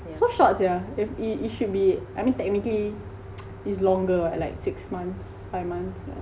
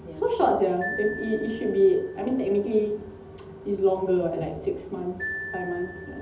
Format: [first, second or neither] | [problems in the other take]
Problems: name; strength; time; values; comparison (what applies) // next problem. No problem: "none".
first | background sound (Marimba, xylophone); 14 dB below the speech // room echo; dies away in 1.2 s